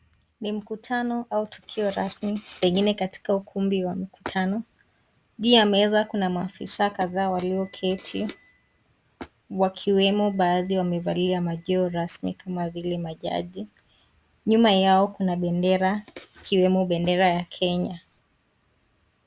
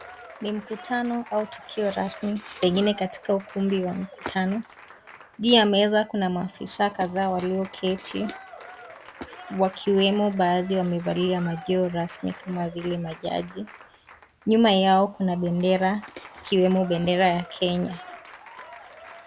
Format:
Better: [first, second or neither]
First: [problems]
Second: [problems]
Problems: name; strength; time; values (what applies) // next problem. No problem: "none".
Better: first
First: none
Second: background sound (Applause / Crowd); 19 dB below the speech